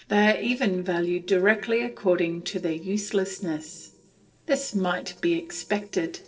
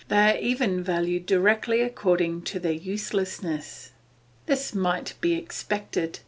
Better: second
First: noise reduction (neural separator model SepFormer DNS4)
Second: none

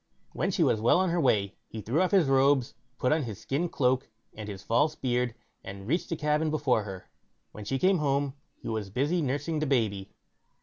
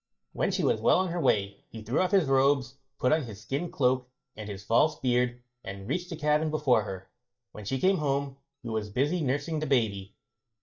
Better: first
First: none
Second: noise reduction (neural mask model DeepFilterNet 3)

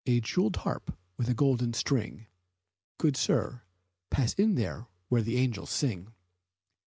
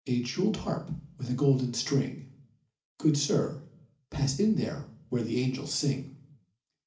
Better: first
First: none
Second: room echo; dies away in 0.4 s

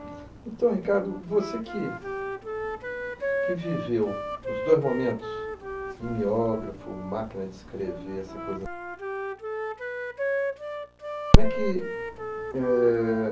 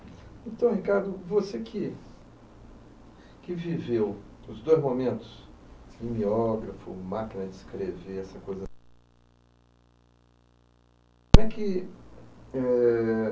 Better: second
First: background sound (Wind instrument, woodwind instrument); 7 dB below the speech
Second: none

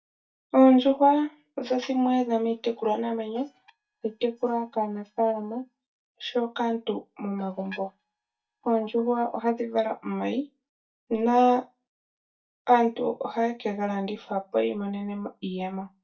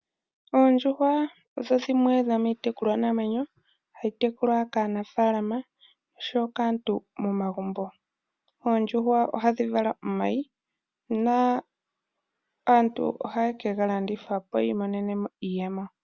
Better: second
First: noise reduction (neural mask model DeepFilterNet 3)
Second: none

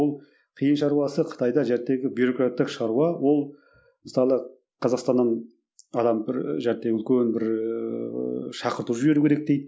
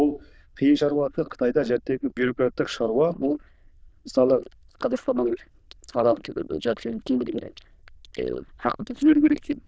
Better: first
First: none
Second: noise reduction (neural diffusion model UNIVERSE++)

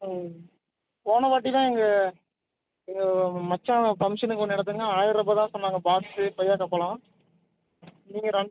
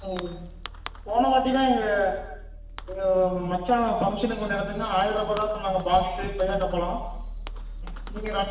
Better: first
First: none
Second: background sound (Fireworks); 11 dB below the speech // room echo; dies away in 1 s

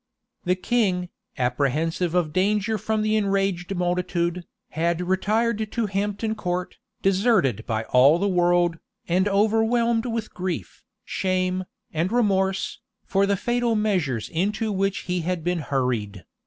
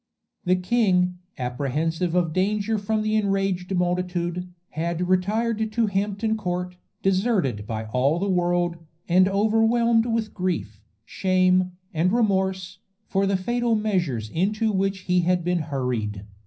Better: first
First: none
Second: room echo; dies away in 0.5 s

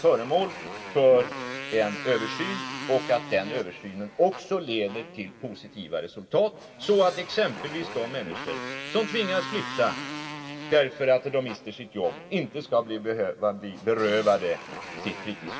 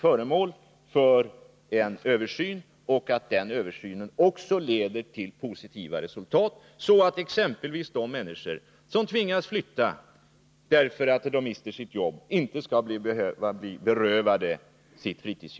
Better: second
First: background sound (Motorcycle); 12 dB below the speech // room echo; dies away in 3 s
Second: none

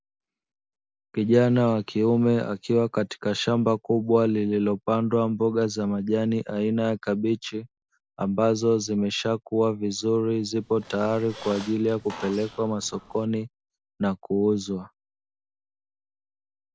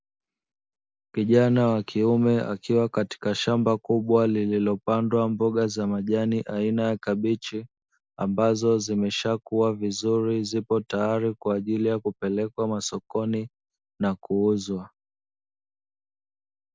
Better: second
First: background sound (Squeak); 18 dB below the speech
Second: none

